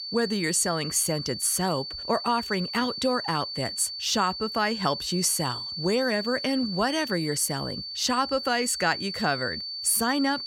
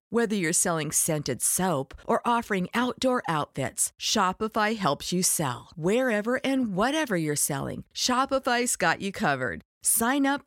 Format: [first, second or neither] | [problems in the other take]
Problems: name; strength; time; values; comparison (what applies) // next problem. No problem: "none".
second | high-pitched whine; loud; throughout; 4.5 kHz, 6 dB below the speech